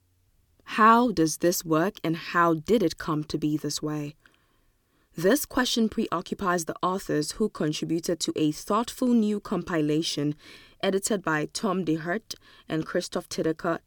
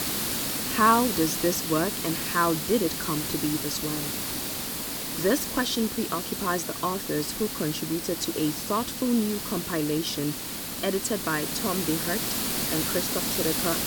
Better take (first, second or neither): first